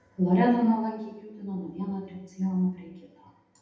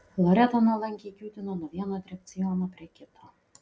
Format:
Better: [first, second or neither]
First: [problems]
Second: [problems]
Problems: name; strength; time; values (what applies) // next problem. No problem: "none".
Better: second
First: room echo; dies away in 0.8 s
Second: none